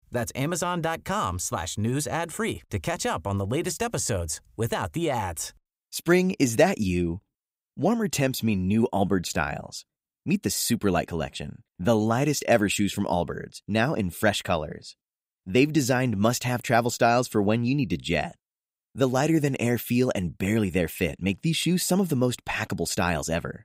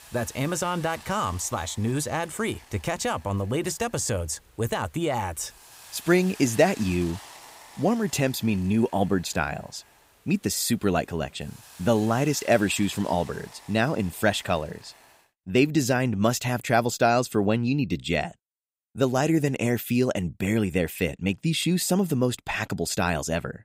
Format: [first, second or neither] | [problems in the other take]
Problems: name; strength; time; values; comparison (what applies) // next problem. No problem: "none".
first | hiss; faint; until 15 s; 20 dB below the speech